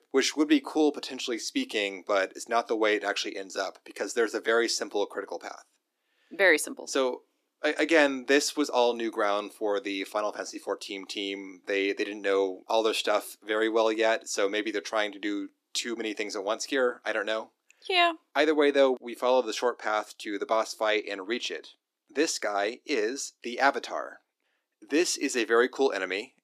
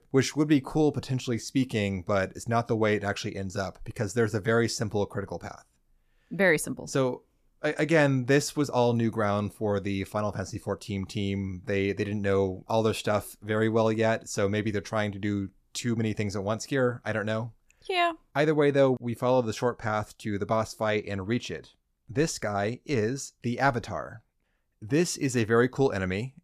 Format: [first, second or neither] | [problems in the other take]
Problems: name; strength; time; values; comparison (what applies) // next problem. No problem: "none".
second | thin; somewhat; fading below 300 Hz